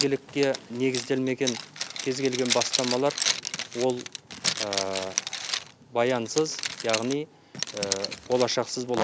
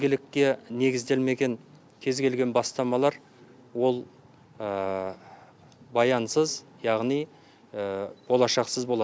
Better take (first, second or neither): second